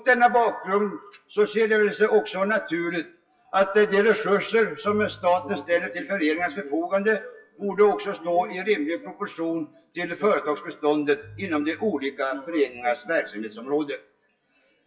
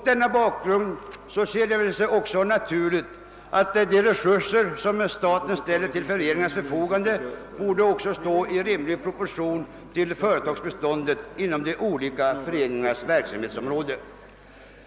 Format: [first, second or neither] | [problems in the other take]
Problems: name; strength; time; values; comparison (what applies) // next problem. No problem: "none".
second | noise reduction (classical method WPE with log-MMSE)